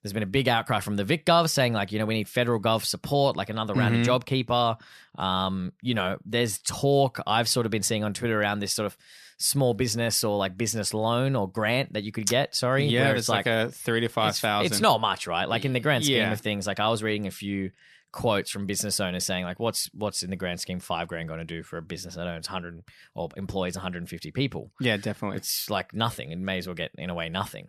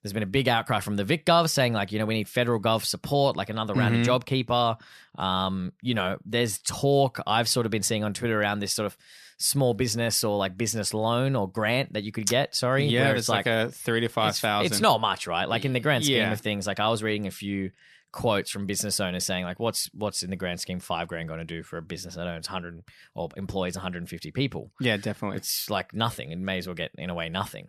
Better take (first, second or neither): neither